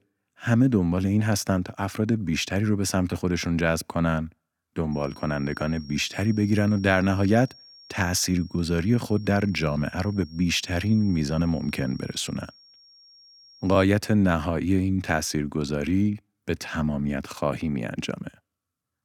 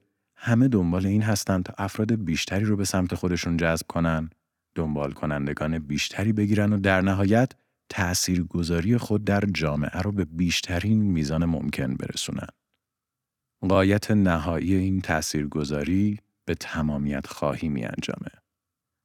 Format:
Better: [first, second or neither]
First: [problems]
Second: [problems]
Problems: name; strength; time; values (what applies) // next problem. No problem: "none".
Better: second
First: high-pitched whine; faint; from 5 to 14 s; 5.5 kHz, 25 dB below the speech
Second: none